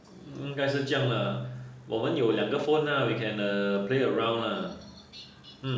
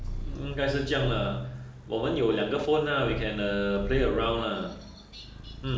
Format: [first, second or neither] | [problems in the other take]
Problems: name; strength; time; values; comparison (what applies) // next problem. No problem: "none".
first | background sound (Purr); 9 dB below the speech